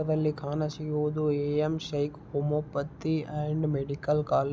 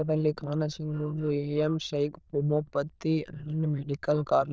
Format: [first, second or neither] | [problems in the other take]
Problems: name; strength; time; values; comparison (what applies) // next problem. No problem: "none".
first | noise reduction (neural diffusion model UNIVERSE++)